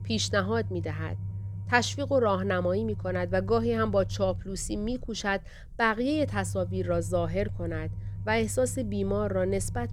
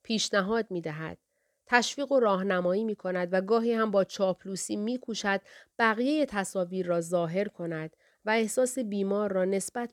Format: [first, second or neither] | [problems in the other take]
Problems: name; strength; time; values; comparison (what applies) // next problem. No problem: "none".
second | low rumble; faint; throughout; 20 dB below the speech